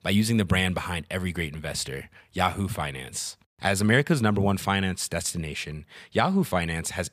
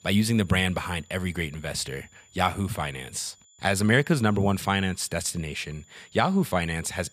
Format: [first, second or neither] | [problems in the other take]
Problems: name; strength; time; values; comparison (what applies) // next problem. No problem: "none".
first | high-pitched whine; faint; throughout; 7 kHz, 30 dB below the speech